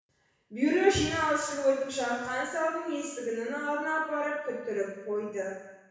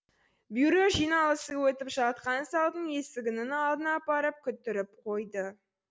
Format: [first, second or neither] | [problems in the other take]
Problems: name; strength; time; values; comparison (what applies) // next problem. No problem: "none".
second | room echo; dies away in 1.1 s